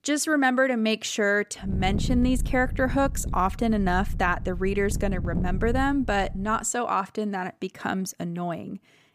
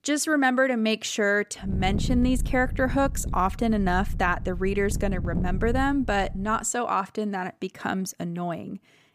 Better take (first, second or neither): neither